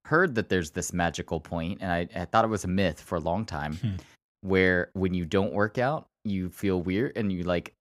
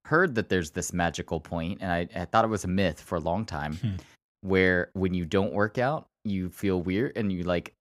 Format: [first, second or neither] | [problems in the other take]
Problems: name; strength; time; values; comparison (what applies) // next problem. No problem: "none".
neither | none